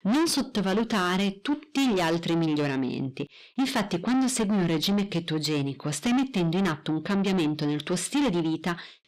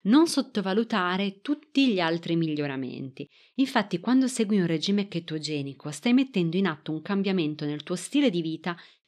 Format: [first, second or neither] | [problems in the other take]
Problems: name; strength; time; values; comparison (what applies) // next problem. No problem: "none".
second | distortion; heavy; 7 dB below the speech